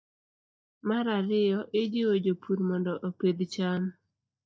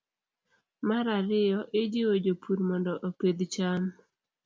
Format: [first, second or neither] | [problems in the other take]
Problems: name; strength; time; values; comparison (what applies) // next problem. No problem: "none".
second | noise reduction (neural mask model DeepFilterNet 3)